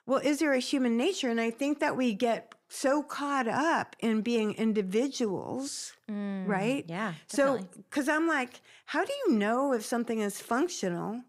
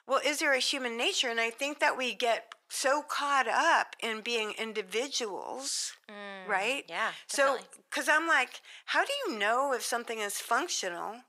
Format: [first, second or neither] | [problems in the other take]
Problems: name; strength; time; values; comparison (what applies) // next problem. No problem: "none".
first | thin; very; fading below 700 Hz